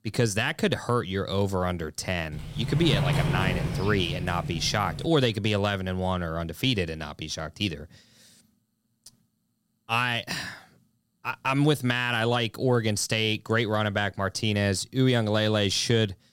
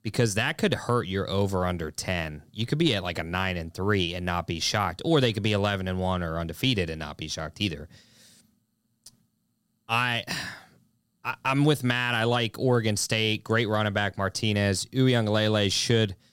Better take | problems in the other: second | door banging; loud; from 2.5 to 5 s; peak 1 dB above the speech

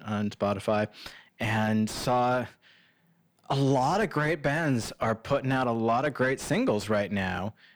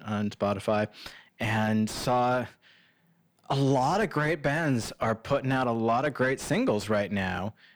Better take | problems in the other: neither | distortion; slight; 10 dB below the speech; the same in both

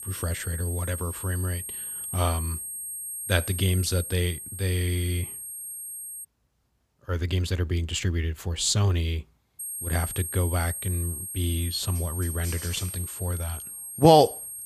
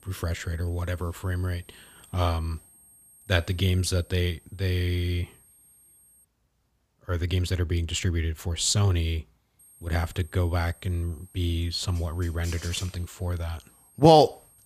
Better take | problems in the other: second | high-pitched whine; loud; until 6 s and from 9.5 s on; 8.5 kHz, 7 dB below the speech; faint in the second

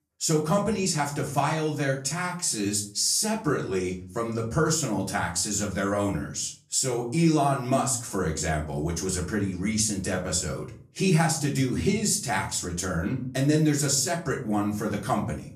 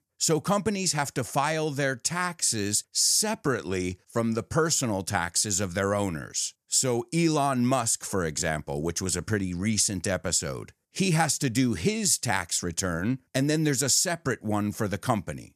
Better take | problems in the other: second | room echo; slight; dies away in 0.4 s // off-mic speech; far

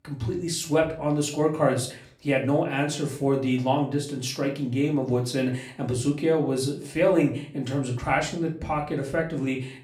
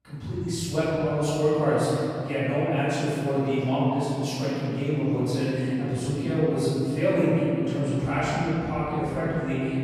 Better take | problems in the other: first | room echo; strong; dies away in 2.9 s; slight in the first // off-mic speech; far; somewhat distant in the first

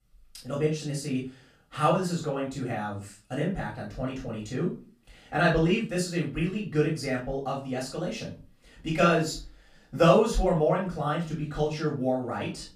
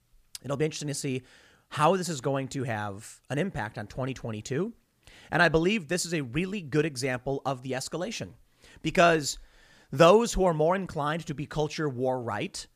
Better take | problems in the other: second | off-mic speech; far // room echo; slight; dies away in 0.3 s

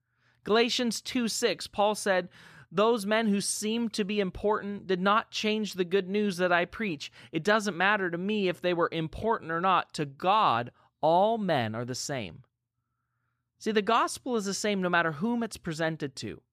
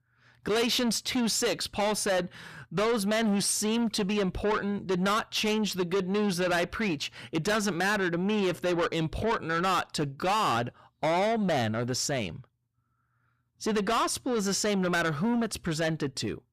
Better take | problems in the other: first | distortion; heavy; 6 dB below the speech

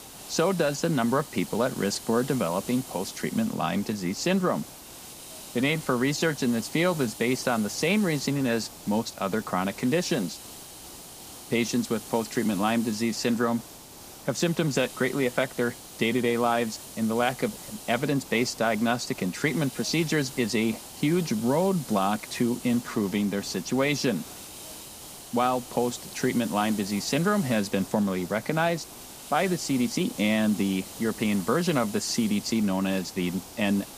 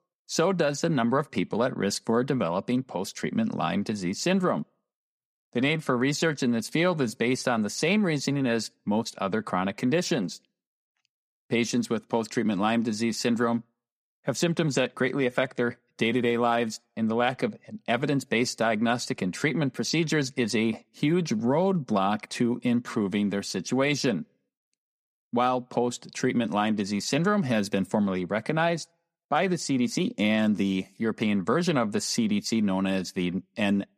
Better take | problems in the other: second | hiss; noticeable; throughout; 15 dB below the speech

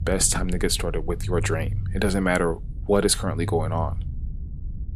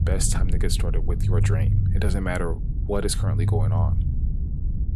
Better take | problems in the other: first | low rumble; loud; throughout; 8 dB below the speech; faint in the first

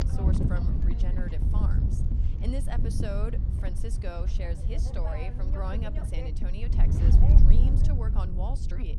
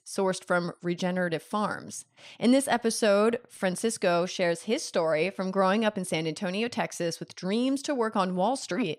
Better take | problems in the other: second | wind noise on the microphone; heavy; as loud as the speech

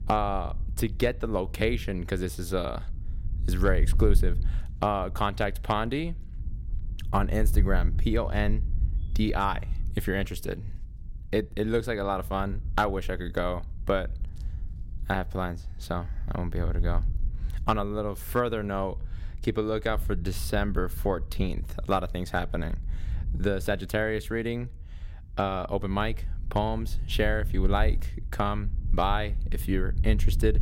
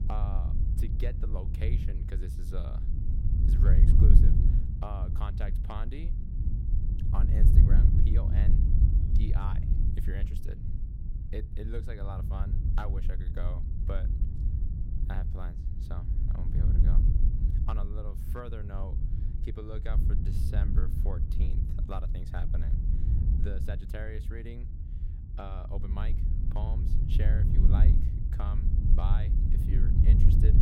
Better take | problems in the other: first | wind noise on the microphone; heavy; as loud as the speech; occasional gusts in the first

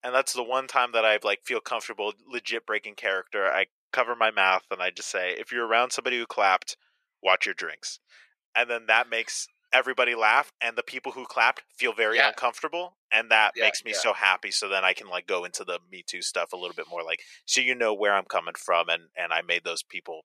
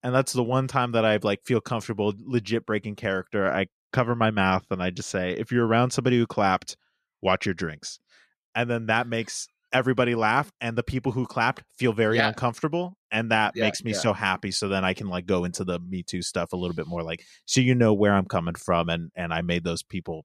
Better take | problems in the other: second | thin; very; fading below 500 Hz

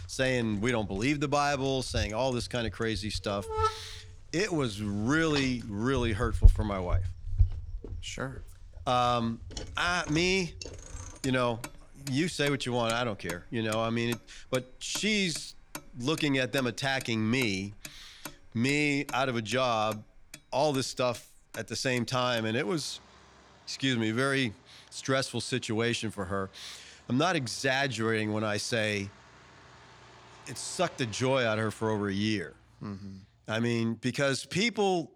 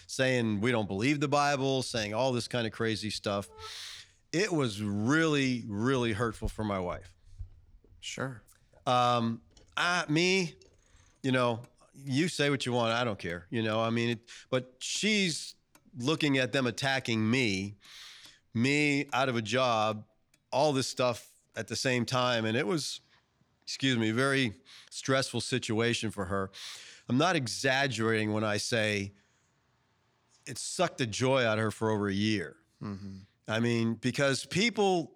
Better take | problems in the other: second | traffic noise; loud; throughout; 9 dB below the speech; faint in the second

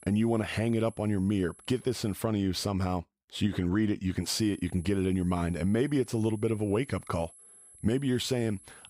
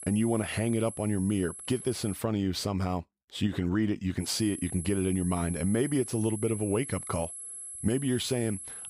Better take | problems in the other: first | high-pitched whine; loud; until 2 s and from 4 s on; 11 kHz, 9 dB below the speech; faint in the first

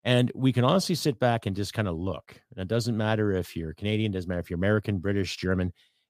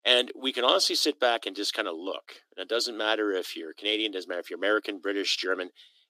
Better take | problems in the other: first | thin; very; fading below 300 Hz

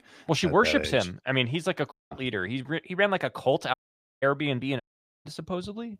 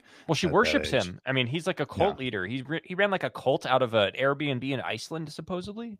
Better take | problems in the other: second | audio cutting out; at 2 s, at 3.5 s and at 5 s

